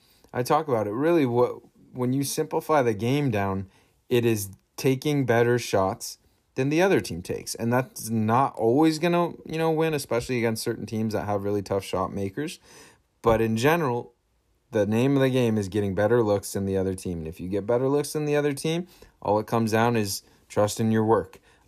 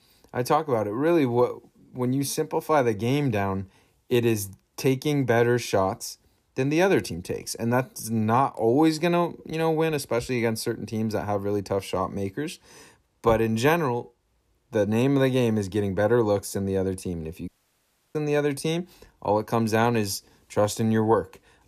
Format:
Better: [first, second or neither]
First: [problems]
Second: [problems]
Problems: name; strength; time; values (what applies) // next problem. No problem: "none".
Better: first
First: none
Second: audio cutting out; at 17 s for 0.5 s